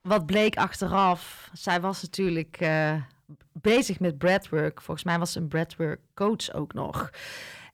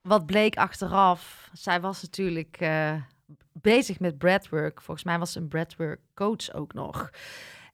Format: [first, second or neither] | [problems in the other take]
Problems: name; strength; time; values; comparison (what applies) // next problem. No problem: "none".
second | distortion; slight; 10 dB below the speech